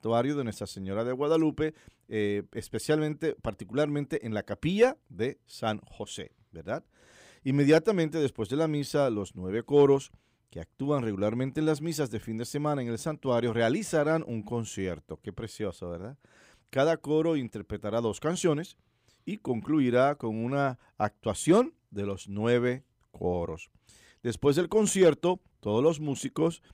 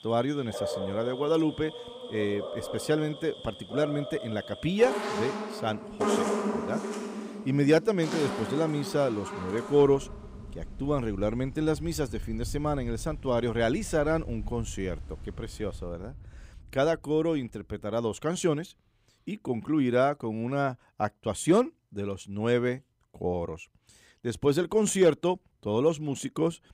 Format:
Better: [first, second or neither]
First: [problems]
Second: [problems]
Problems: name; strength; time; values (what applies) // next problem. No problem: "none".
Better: first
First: none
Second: animal sounds; loud; until 16 s; 8 dB below the speech